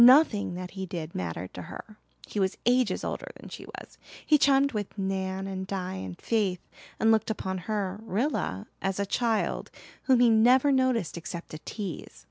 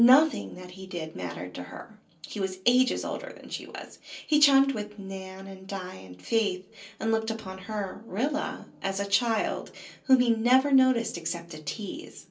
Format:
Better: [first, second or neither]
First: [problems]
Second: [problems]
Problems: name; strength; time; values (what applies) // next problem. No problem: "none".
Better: first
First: none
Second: room echo; dies away in 0.3 s